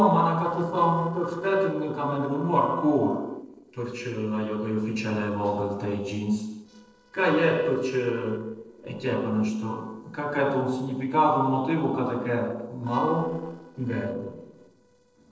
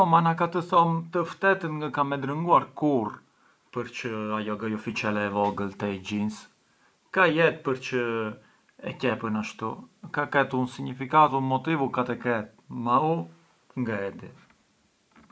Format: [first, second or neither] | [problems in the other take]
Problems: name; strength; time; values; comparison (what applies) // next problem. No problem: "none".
second | noise reduction (neural separator model SepFormer DNS4)